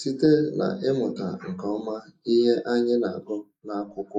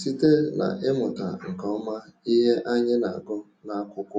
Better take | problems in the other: second | noise reduction (neural mask model Resemble Enhance denoiser)

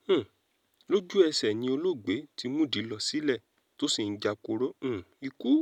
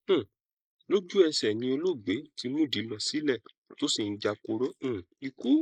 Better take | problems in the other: first | noise reduction (neural mask model Resemble Enhance denoiser)

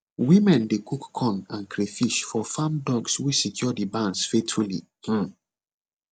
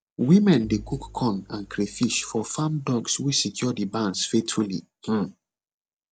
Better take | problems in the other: first | background sound (Bowed string instrument); 20 dB below the speech

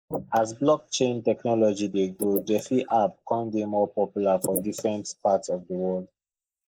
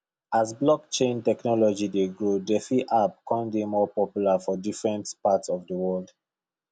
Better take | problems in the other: second | noise reduction (neural mask model Resemble Enhance denoiser)

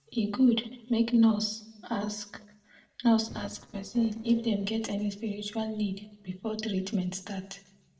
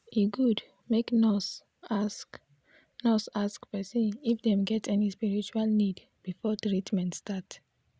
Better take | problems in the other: second | noise reduction (neural separator model SepFormer DNS4)

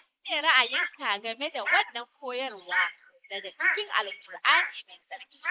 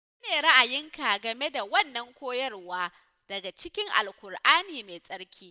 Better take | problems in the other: second | noise reduction (neural mask model Resemble Enhance denoiser)

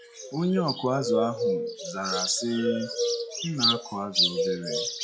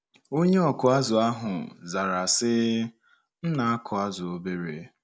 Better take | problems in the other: second | noise reduction (classical method log-MMSE)

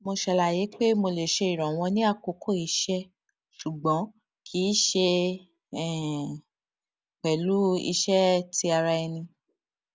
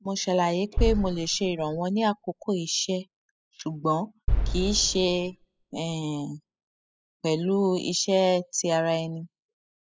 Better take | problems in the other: first | noise reduction (classical method spectral subtraction)

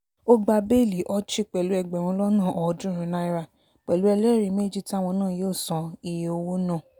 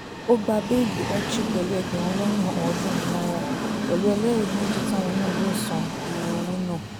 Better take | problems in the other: first | background sound (Train); 1 dB below the speech

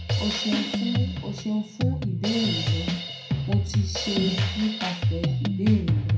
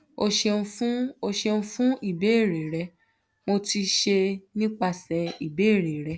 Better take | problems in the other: second | background sound (Drum kit); 3 dB above the speech // room echo; dies away in 0.5 s

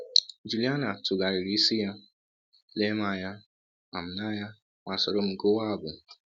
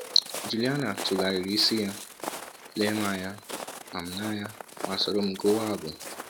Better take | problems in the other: first | background sound (Walk, footsteps); 10 dB below the speech

